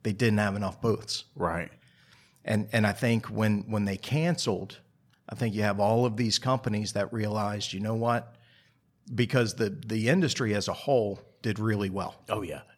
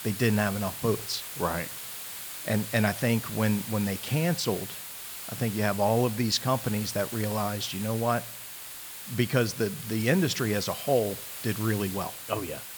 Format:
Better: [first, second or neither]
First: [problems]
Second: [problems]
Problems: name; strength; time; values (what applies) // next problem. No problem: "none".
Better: first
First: none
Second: hiss; loud; throughout; 8 dB below the speech